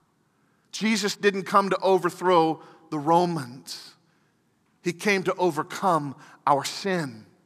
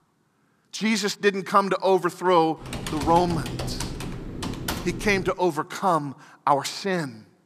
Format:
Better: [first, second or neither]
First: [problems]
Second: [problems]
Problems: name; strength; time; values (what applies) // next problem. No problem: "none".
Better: first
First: none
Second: keyboard typing; noticeable; from 2.5 to 5.5 s; peak 6 dB below the speech